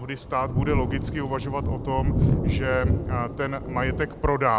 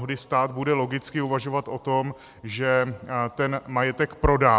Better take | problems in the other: second | background sound (Thunder); 1 dB above the speech

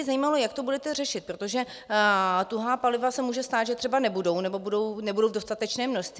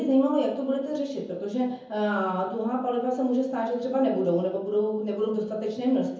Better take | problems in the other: first | room echo; dies away in 0.7 s

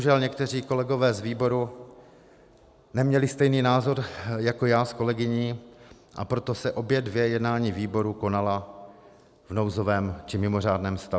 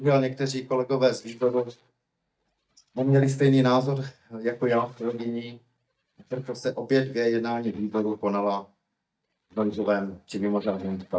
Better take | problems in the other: first | noise reduction (neural mask model DeepFilterNet 3)

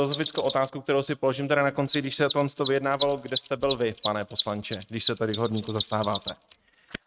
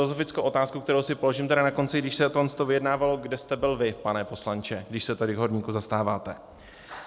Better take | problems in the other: second | noise reduction (neural mask model RNNoise)

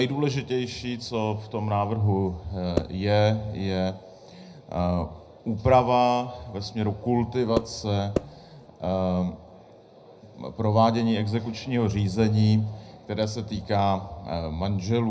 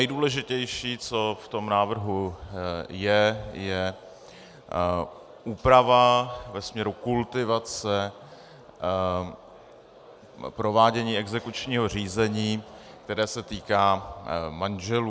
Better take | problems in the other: second | background sound (Percussion); 6 dB below the speech // room echo; dies away in 0.4 s

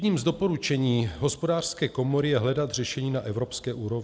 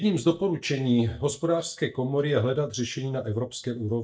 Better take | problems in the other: first | noise reduction (neural mask model DeepFilterNet 3)

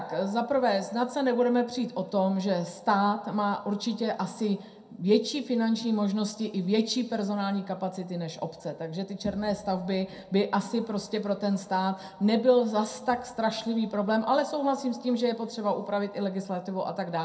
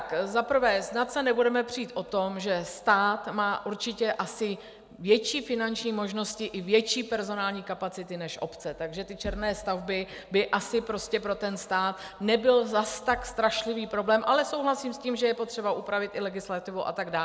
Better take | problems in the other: second | room echo; dies away in 0.2 s

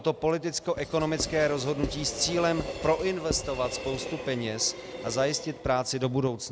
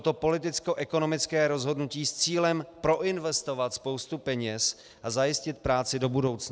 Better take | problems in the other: second | background sound (Writing + Train); 9 dB below the speech

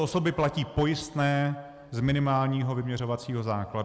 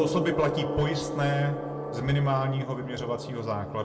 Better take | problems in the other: first | background sound (Gong); 4 dB below the speech // room echo; dies away in 0.5 s

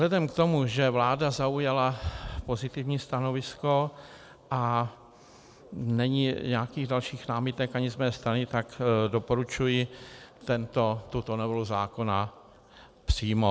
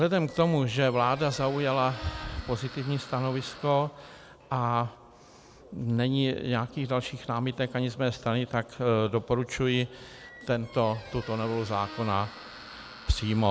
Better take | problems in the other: first | background sound (Squeak); 20 dB below the speech

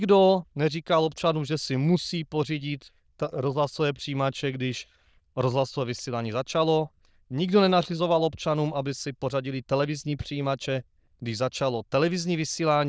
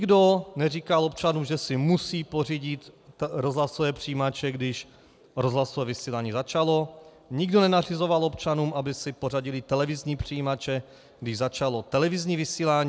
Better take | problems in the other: second | noise reduction (neural diffusion model UNIVERSE++)

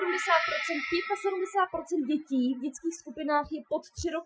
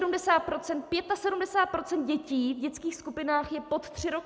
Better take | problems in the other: second | noise reduction (classical method Wiener filter)

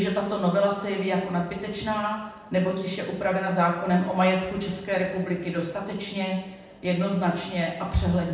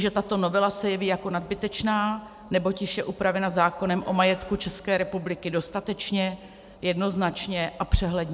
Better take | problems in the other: second | room echo; dies away in 0.8 s

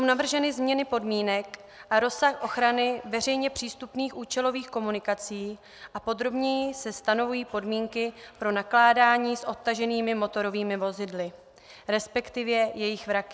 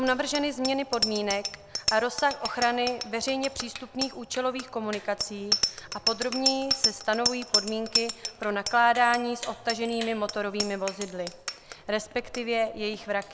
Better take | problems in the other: first | background sound (Bicycle bell); 5 dB below the speech

